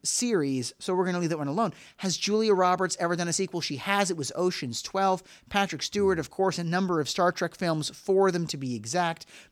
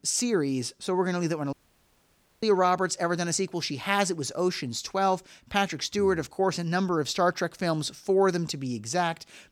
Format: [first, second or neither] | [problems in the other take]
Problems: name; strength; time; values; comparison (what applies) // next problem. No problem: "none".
first | audio cutting out; at 1.5 s for 1 s